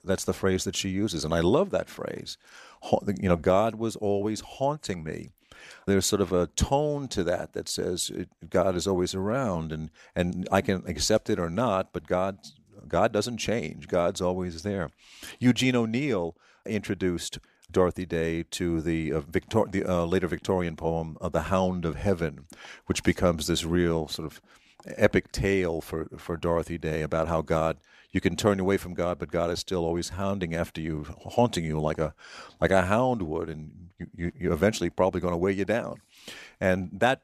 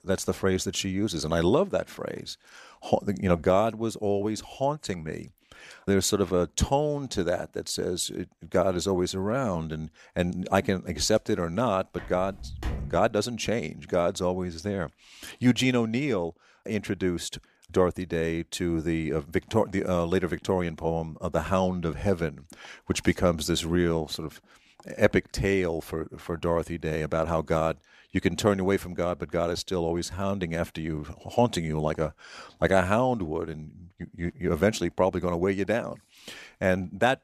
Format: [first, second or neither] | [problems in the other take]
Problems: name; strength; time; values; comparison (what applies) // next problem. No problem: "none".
first | footsteps; noticeable; from 12 to 13 s; peak 7 dB below the speech